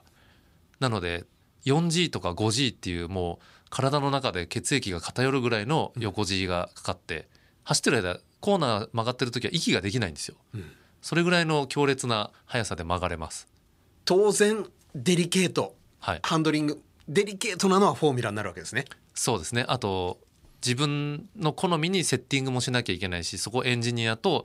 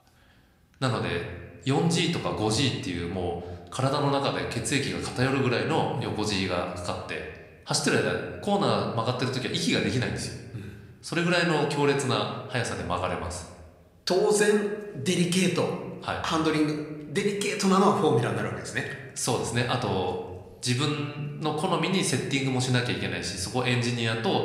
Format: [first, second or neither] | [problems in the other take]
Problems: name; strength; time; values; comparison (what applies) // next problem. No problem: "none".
first | room echo; slight; dies away in 0.9 s